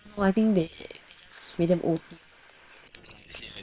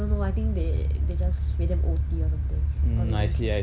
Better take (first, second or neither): second